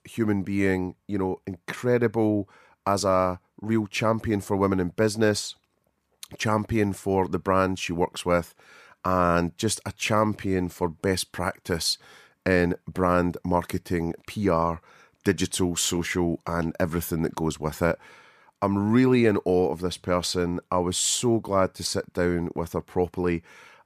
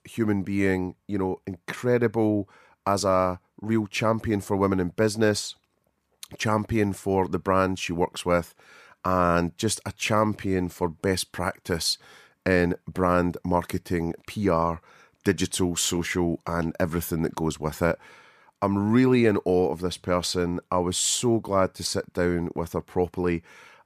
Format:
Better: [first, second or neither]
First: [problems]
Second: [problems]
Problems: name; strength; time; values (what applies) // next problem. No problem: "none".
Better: neither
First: none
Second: none